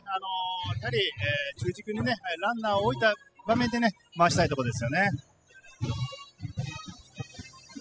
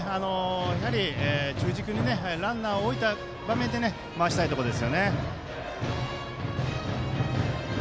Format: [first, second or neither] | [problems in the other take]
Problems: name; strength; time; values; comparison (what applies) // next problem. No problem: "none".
second | noise reduction (classical method spectral subtraction)